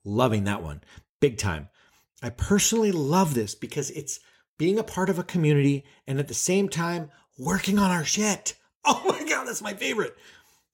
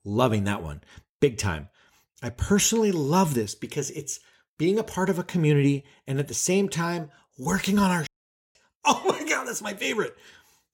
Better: first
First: none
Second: audio cutting out; at 8 s

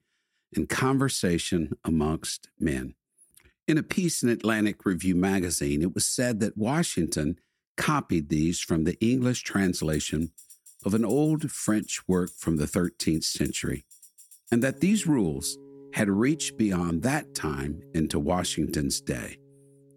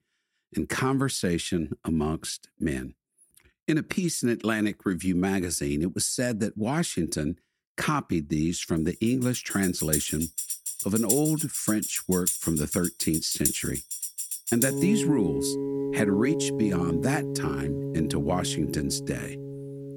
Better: first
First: background music; faint; from 9.5 s on; 20 dB below the speech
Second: background music; loud; from 9.5 s on; 2 dB below the speech

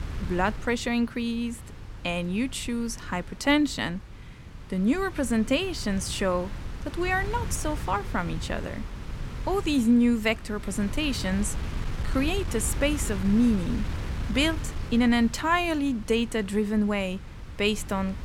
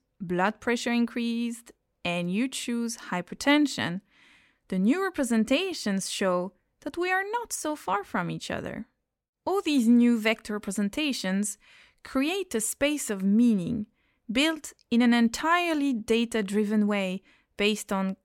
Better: second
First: wind noise on the microphone; occasional gusts; 15 dB below the speech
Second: none

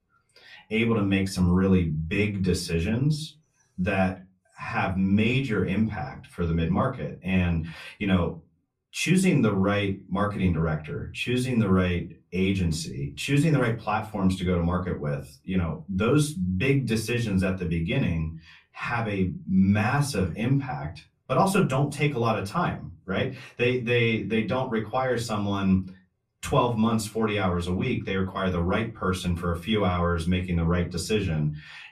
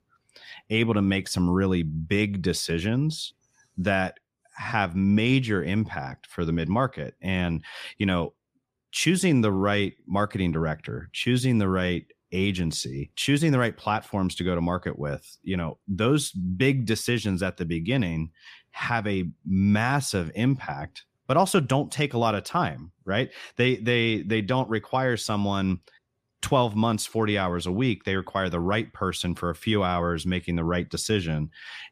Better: second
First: off-mic speech; far // room echo; very slight; dies away in 0.2 s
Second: none

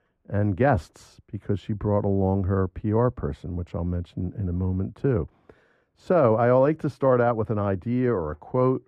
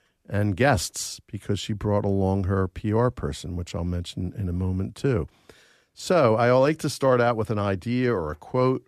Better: second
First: muffled; very; fading above 2.5 kHz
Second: none

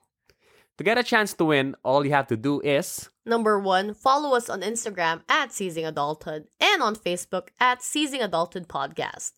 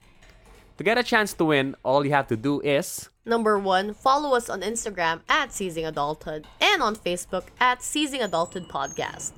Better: first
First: none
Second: household noises; faint; throughout; 25 dB below the speech

